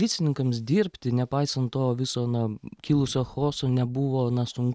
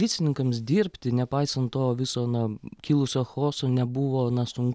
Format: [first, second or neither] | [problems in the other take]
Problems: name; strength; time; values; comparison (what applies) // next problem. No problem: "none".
second | noise reduction (neural mask model RNNoise)